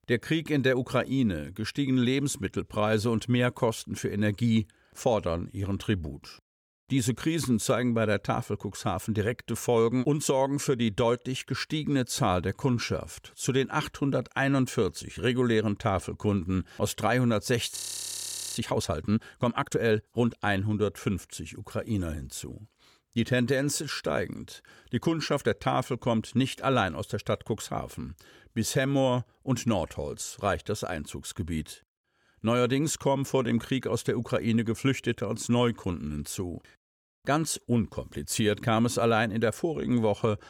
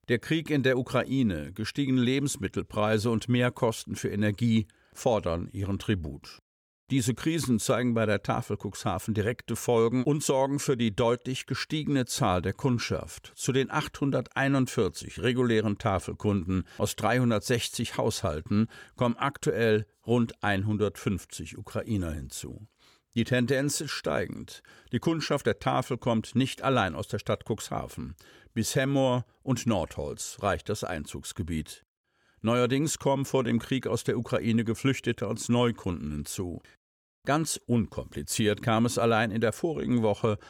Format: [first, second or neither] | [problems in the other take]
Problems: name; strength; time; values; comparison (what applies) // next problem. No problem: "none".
second | audio freezing; at 18 s for 1 s